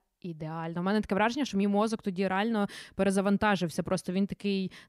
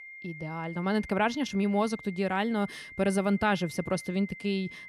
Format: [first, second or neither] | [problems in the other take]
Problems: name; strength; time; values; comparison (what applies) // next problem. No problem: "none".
first | high-pitched whine; noticeable; throughout; 2 kHz, 15 dB below the speech